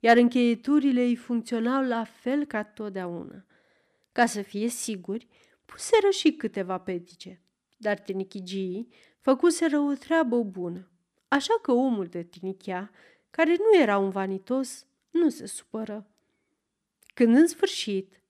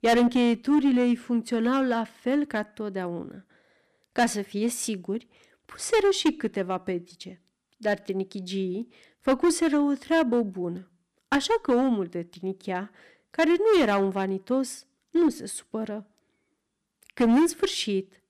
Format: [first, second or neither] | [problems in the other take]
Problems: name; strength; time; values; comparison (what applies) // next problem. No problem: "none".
first | distortion; slight; 5% of the sound clipped